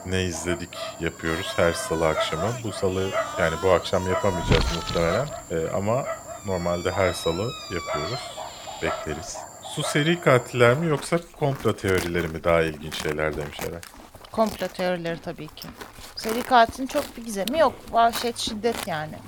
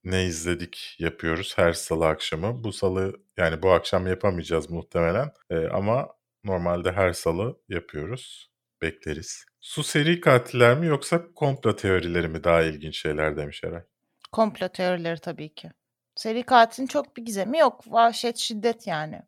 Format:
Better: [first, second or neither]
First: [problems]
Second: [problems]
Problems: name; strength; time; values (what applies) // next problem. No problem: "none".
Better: second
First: animal sounds; loud; throughout; 8 dB below the speech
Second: none